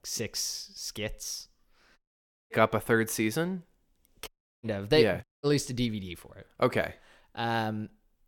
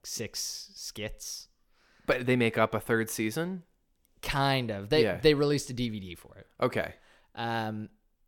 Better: second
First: audio cutting out; at 2 s for 0.5 s, at 4.5 s and at 5 s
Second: none

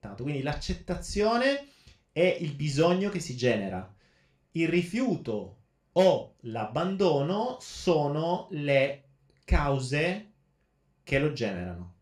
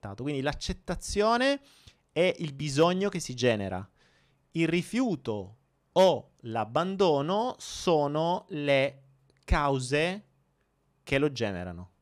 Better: second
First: room echo; very slight; dies away in 0.3 s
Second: none

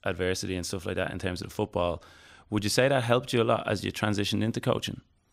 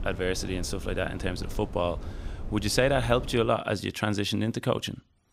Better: first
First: none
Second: wind noise on the microphone; occasional gusts; until 3.5 s; 20 dB below the speech

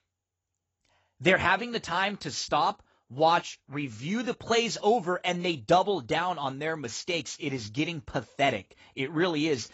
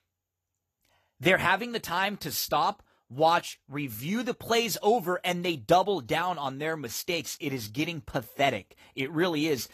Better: second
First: garbled, watery; badly; nothing above 7.5 kHz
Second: garbled, watery; slightly; nothing above 14.5 kHz

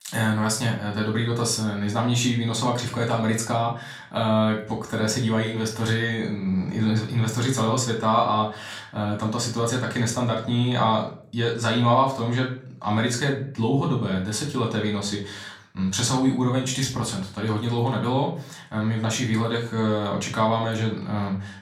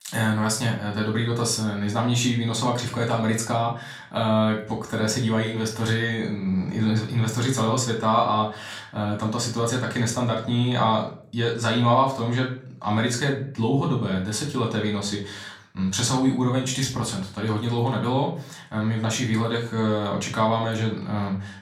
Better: neither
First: off-mic speech; far // room echo; slight; dies away in 0.4 s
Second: off-mic speech; far // room echo; slight; dies away in 0.4 s

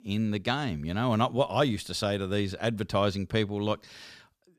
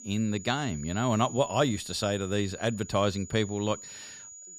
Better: first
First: none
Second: high-pitched whine; noticeable; throughout; 7 kHz, 15 dB below the speech

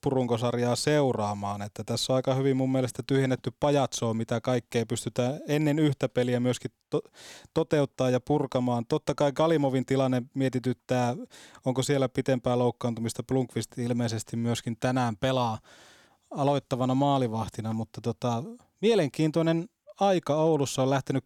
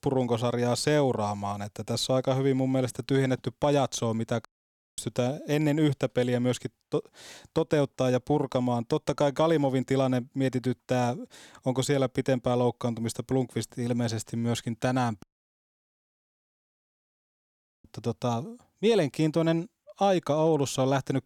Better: first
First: none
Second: audio cutting out; at 4.5 s for 0.5 s and at 15 s for 2.5 s

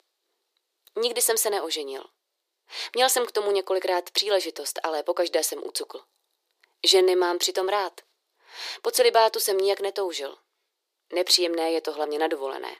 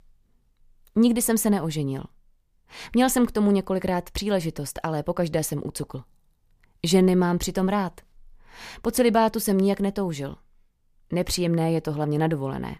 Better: second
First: thin; very; fading below 350 Hz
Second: none

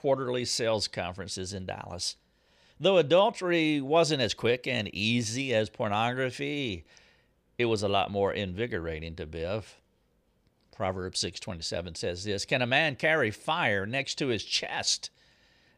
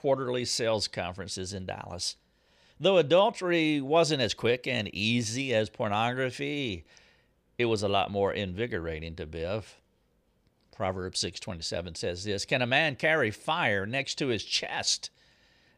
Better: neither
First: none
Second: none

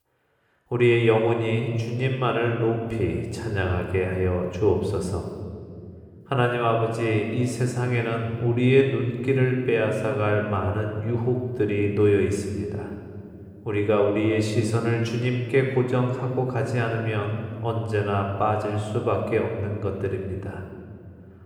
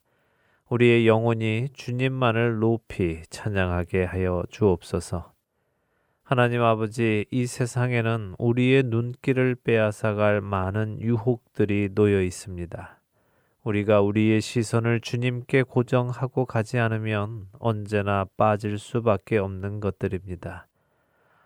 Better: second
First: room echo; noticeable; dies away in 1.8 s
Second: none

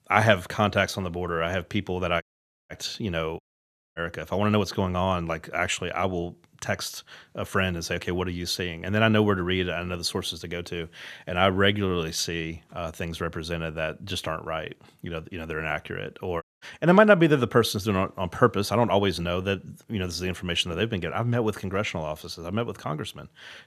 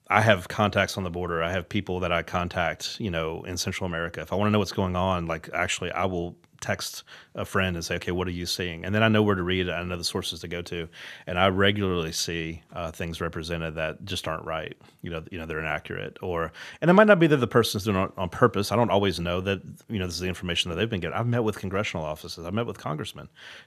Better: second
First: audio cutting out; at 2 s, at 3.5 s for 0.5 s and at 16 s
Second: none

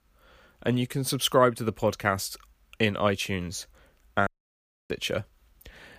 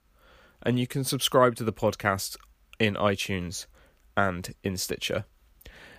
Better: second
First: audio cutting out; at 4.5 s for 0.5 s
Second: none

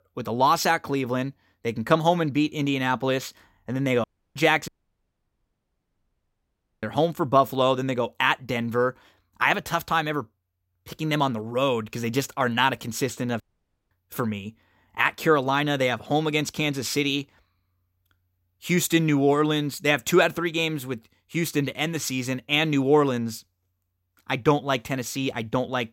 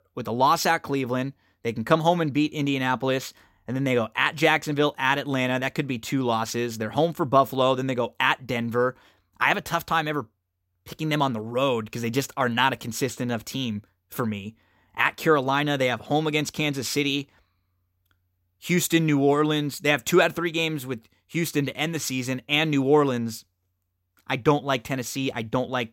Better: second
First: audio cutting out; at 4 s, at 4.5 s for 2 s and at 13 s for 0.5 s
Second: none

